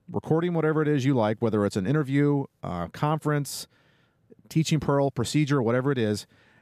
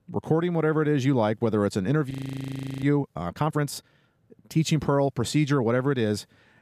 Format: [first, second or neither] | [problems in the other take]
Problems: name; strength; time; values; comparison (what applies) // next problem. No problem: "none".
first | audio freezing; at 2 s for 0.5 s